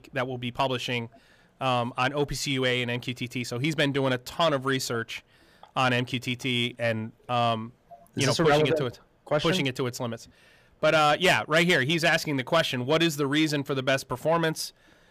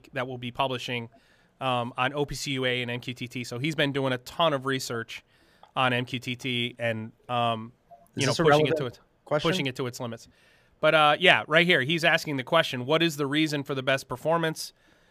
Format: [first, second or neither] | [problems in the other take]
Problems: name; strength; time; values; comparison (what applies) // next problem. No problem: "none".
second | distortion; slight; 10 dB below the speech